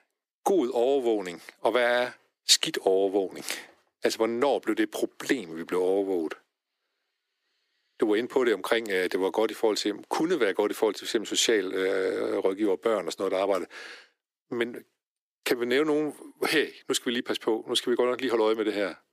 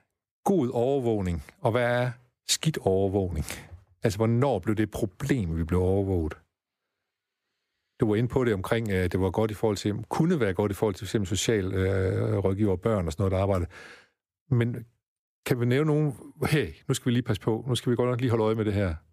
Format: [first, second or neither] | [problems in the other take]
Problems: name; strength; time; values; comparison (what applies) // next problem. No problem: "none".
second | thin; somewhat; fading below 300 Hz